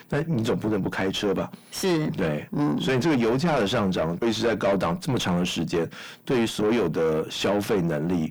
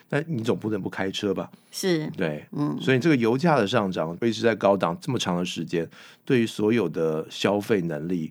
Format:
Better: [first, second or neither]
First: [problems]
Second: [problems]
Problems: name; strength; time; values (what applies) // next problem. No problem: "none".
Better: second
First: distortion; heavy; 6 dB below the speech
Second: none